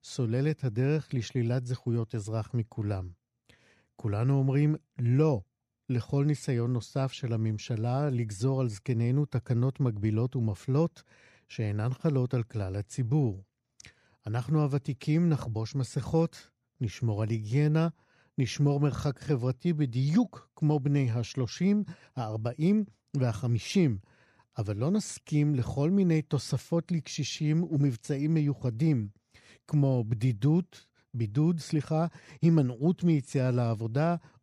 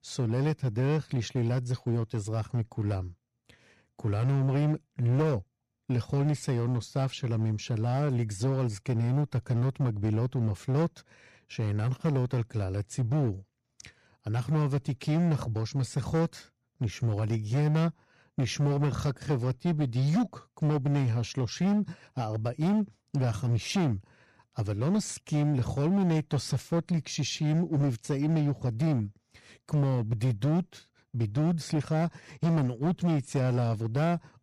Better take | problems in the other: first | distortion; slight; 11% of the sound clipped

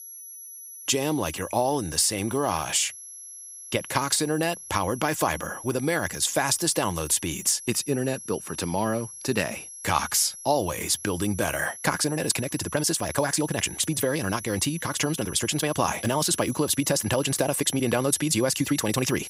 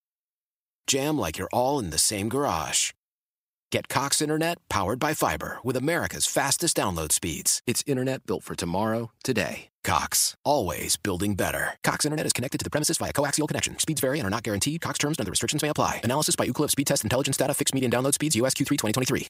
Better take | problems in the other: second | high-pitched whine; noticeable; throughout; 11 kHz, 15 dB below the speech

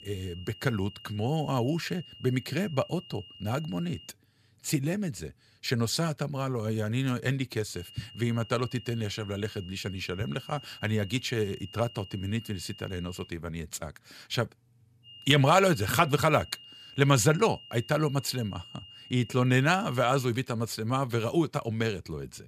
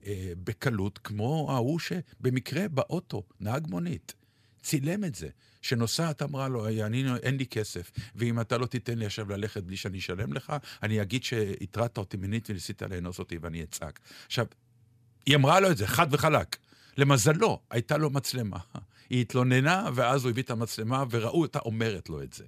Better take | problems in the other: second | high-pitched whine; noticeable; until 4 s, from 8 to 13 s and from 15 to 20 s; 3 kHz, 20 dB below the speech

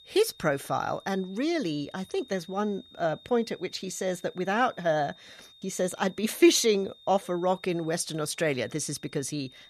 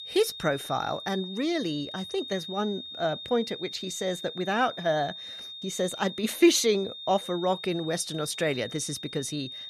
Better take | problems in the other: first | high-pitched whine; loud; throughout; 3.5 kHz, 10 dB below the speech; faint in the first

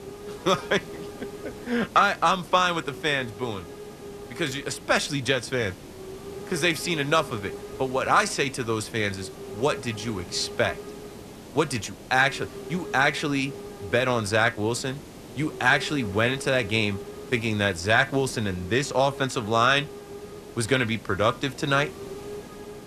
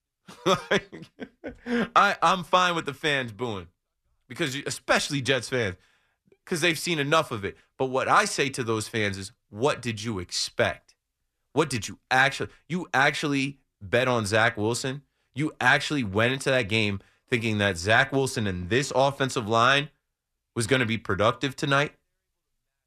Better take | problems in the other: second | hiss; noticeable; throughout; 15 dB below the speech

